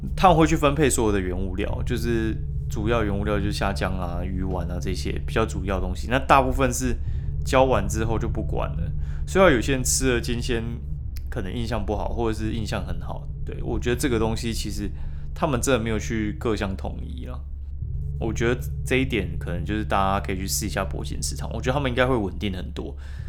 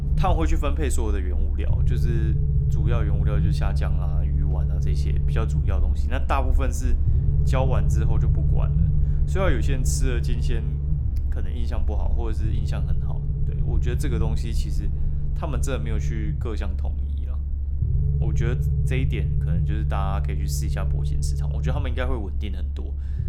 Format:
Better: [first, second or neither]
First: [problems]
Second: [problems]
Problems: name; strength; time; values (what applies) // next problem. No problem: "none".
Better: first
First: low rumble; faint; throughout; 20 dB below the speech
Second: low rumble; loud; throughout; 5 dB below the speech